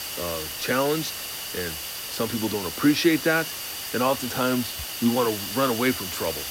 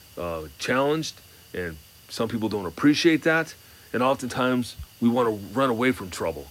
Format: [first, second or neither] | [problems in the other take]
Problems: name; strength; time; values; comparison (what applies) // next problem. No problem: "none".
second | hiss; loud; throughout; 5 dB below the speech; faint in the second